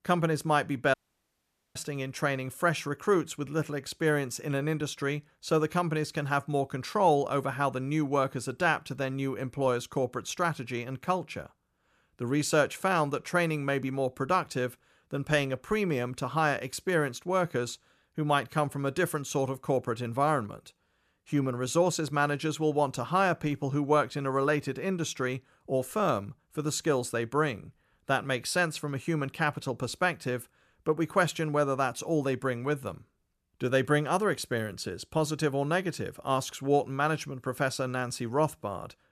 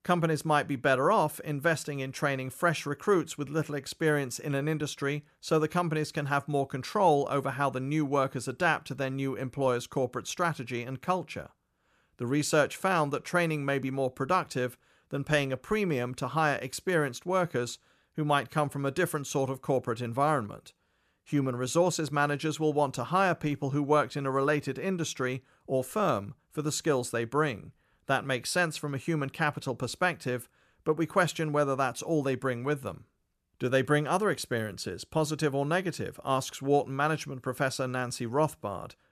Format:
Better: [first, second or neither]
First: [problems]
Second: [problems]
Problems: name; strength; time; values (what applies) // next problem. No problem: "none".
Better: second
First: audio cutting out; at 1 s for 1 s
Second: none